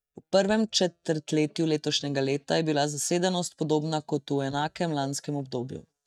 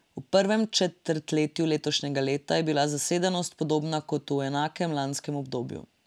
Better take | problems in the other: second | noise reduction (neural mask model DeepFilterNet 3)

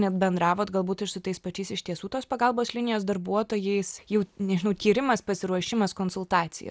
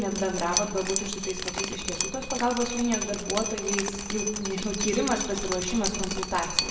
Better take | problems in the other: first | background sound (Drip); 3 dB below the speech // room echo; dies away in 1 s

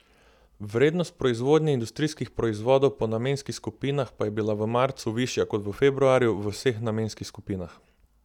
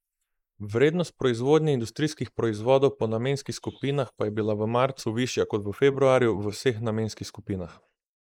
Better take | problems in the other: first | noise reduction (neural mask model Resemble Enhance denoiser)

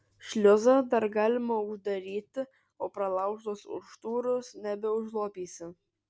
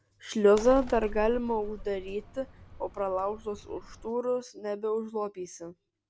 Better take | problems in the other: first | background sound (Bird); 11 dB below the speech

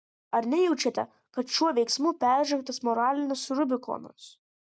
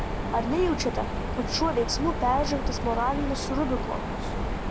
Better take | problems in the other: first | background sound (Mechanisms); 1 dB below the speech

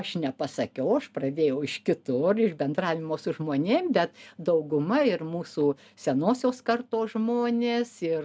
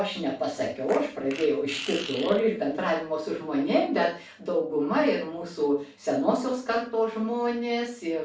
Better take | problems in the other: first | background sound (Fart); 13 dB below the speech // room echo; dies away in 0.3 s

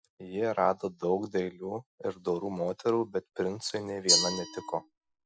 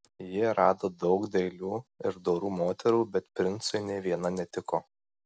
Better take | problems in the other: second | noise reduction (classical method Wiener filter)

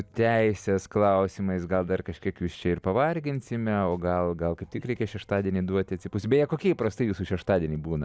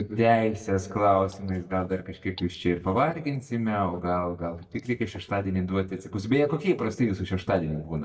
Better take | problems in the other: first | noise reduction (neural mask model DeepFilterNet 3)

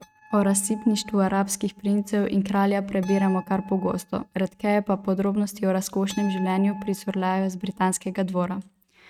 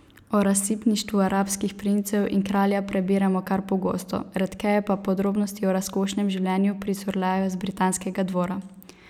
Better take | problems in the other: second | noise reduction (neural mask model RNNoise)

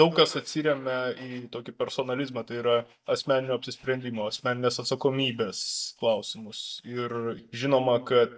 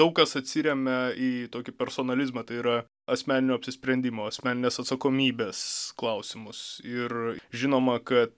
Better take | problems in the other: second | noise reduction (neural mask model DeepFilterNet 3)

